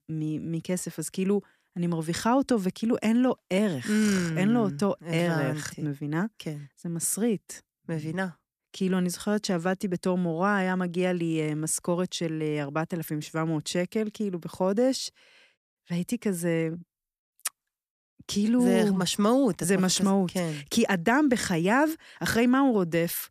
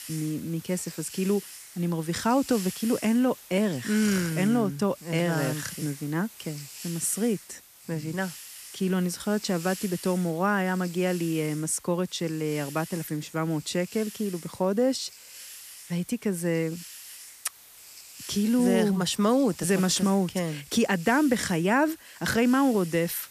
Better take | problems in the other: first | hiss; noticeable; throughout; 15 dB below the speech

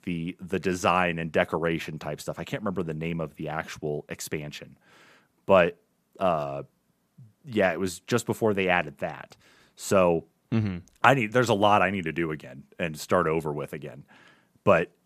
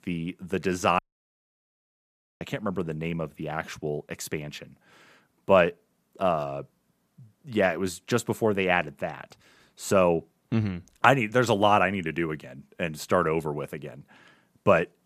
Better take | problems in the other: first | audio cutting out; at 1 s for 1.5 s

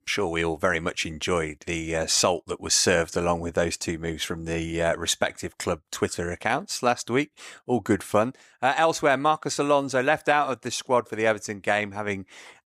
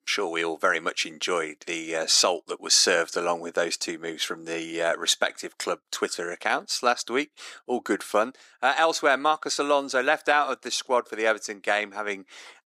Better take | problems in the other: first | thin; very slightly; fading below 300 Hz

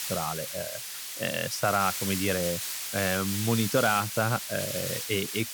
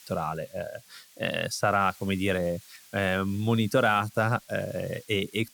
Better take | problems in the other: second | hiss; loud; throughout; 3 dB below the speech; faint in the second

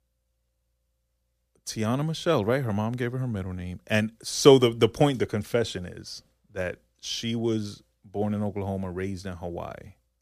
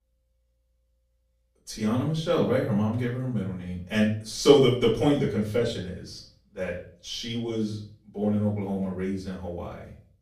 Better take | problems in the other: first | room echo; slight; dies away in 0.4 s // off-mic speech; far

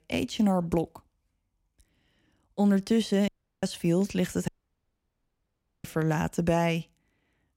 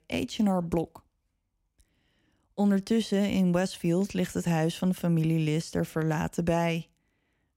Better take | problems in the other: second | audio cutting out; at 3.5 s and at 4.5 s for 1.5 s

